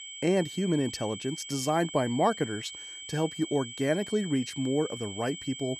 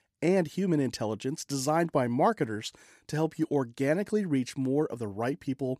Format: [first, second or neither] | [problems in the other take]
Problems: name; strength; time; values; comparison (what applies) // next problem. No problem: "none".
second | high-pitched whine; loud; throughout; 3 kHz, 10 dB below the speech